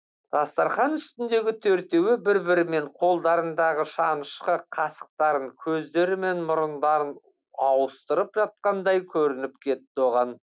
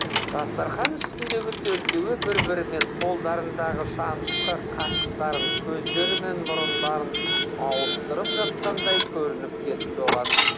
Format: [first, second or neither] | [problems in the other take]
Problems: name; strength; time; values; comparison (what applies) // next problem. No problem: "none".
first | background sound (Coin (dropping) / Alarm); 2 dB above the speech